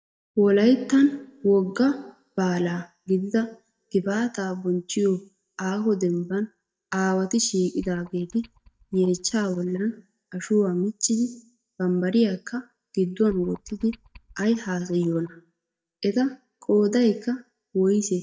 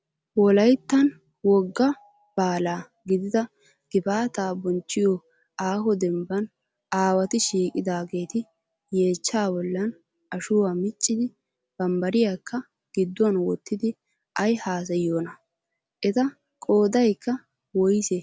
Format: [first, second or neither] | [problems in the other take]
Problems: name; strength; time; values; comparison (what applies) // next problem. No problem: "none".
second | noise reduction (neural mask model DeepFilterNet 3)